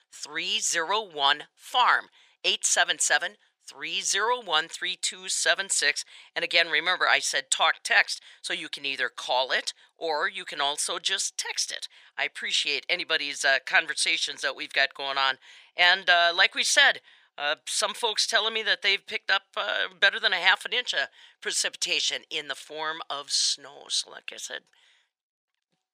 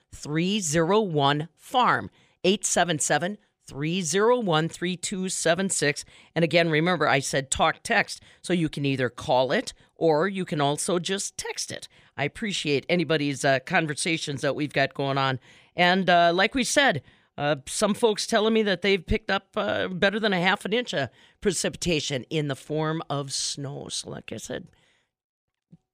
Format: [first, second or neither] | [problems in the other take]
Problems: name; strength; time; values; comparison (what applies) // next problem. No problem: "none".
second | thin; very; fading below 750 Hz